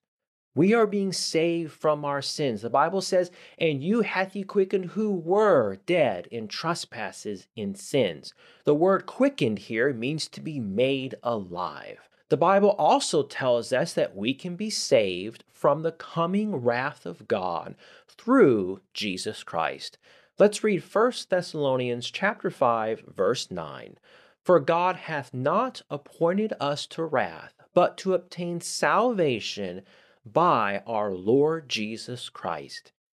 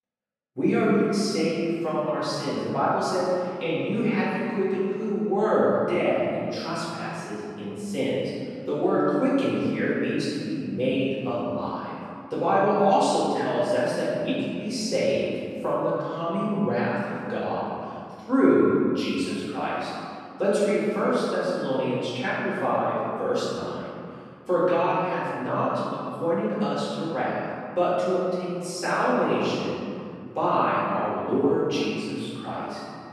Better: first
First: none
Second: off-mic speech; far // room echo; strong; dies away in 2.3 s

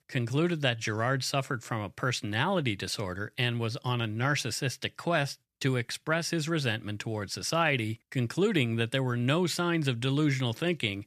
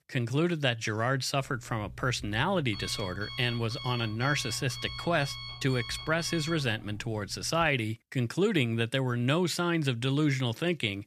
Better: first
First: none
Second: alarm; noticeable; from 1.5 to 7.5 s; peak 9 dB below the speech

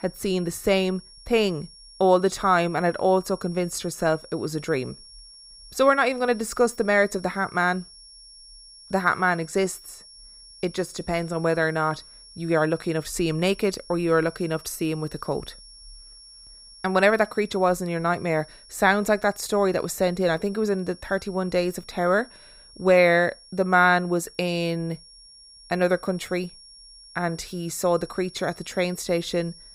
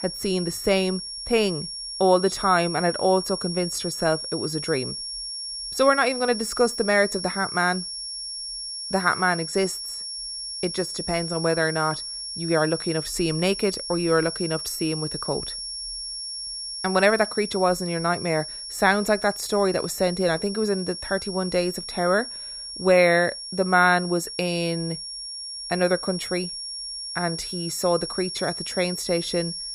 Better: first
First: high-pitched whine; faint; throughout; 5.5 kHz, 20 dB below the speech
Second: high-pitched whine; loud; throughout; 5.5 kHz, 7 dB below the speech

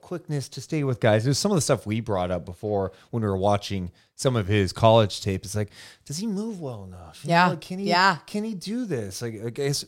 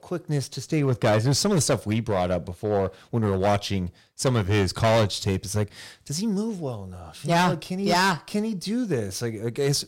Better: first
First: none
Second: distortion; heavy; 6% of the sound clipped

